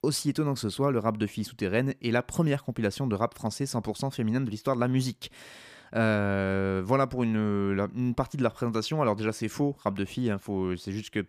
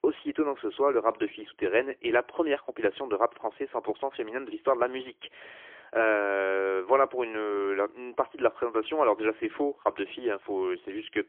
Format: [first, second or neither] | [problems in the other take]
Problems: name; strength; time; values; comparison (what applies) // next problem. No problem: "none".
first | phone-call audio; poor line; nothing above 3.5 kHz